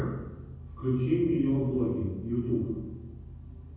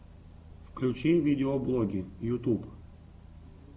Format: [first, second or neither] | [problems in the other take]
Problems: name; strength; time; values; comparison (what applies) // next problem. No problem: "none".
second | room echo; dies away in 1.3 s